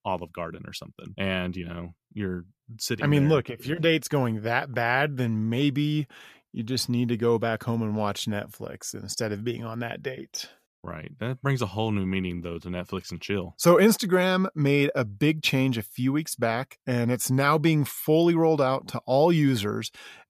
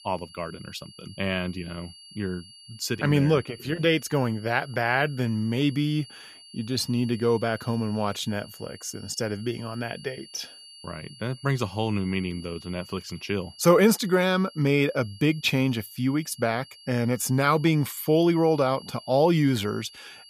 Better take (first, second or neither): first